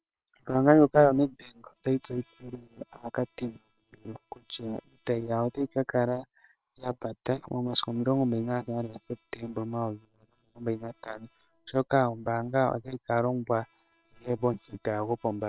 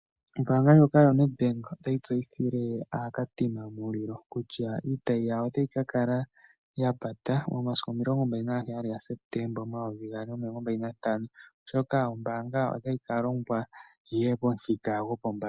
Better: second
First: noise reduction (neural separator model SepFormer WHAM!)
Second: none

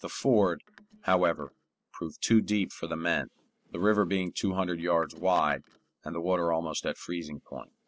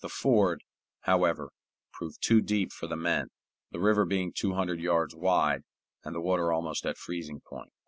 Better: second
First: noise reduction (neural separator model SepFormer DNS4)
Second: none

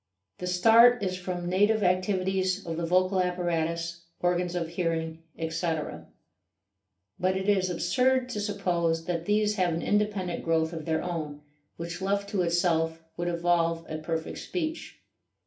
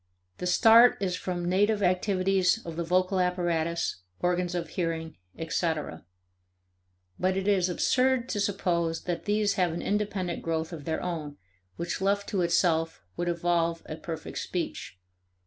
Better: second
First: room echo; dies away in 0.3 s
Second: none

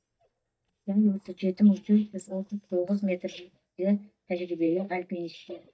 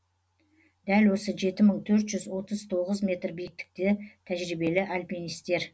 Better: second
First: noise reduction (neural mask model DeepFilterNet 3)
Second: none

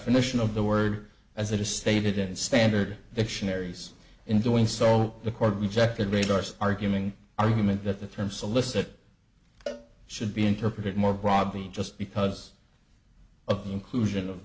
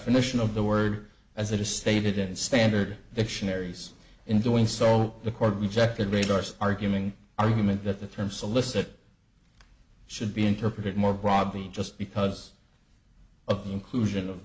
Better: second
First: background sound (Cowbell); 19 dB below the speech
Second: none

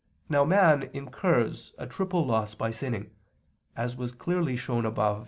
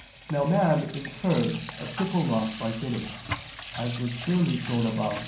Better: first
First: none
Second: background sound (Sink (filling or washing) / Water tap, faucet); 12 dB below the speech // room echo; dies away in 0.6 s

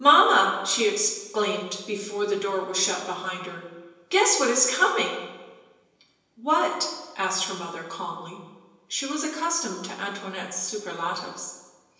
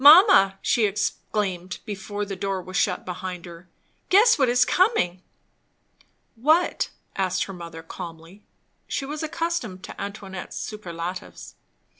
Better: second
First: room echo; dies away in 1 s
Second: none

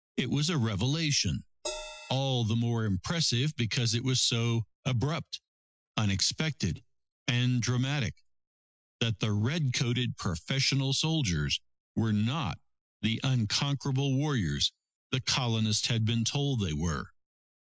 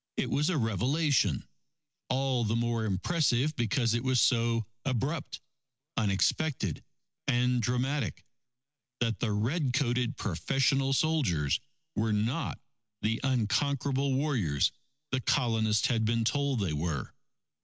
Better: second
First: noise reduction (classical method Wiener filter)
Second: none

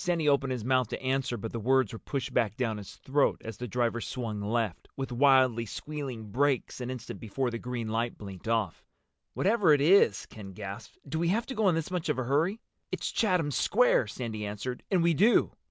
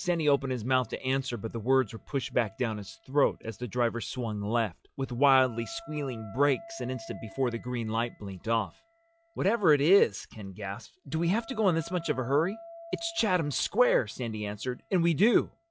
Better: first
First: none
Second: noise reduction (classical method log-MMSE)

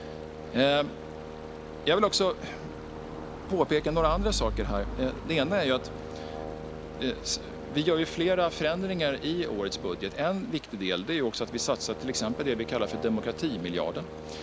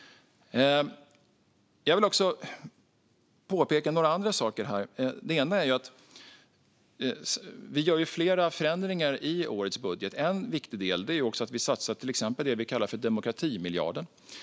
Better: second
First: background sound (Stream + Brass instrument); 9 dB below the speech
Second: none

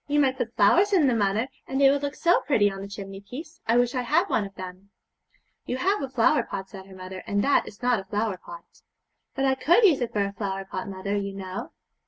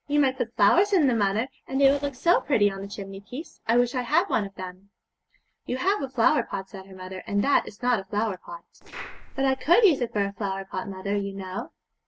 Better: first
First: none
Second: noise reduction (neural separator model SepFormer DNS4)

